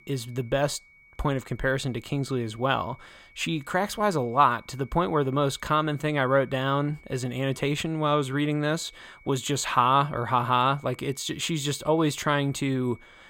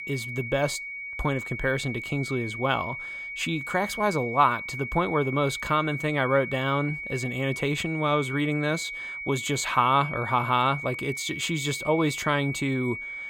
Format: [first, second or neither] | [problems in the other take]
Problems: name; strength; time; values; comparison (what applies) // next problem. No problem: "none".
first | high-pitched whine; loud; throughout; 2 kHz, 7 dB below the speech; faint in the first